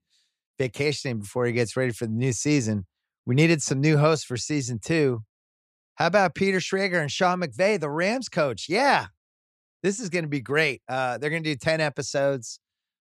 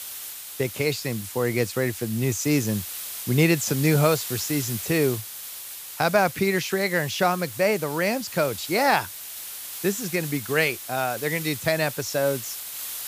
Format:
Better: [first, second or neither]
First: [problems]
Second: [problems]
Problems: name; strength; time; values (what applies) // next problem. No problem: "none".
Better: first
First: none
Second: hiss; loud; throughout; 9 dB below the speech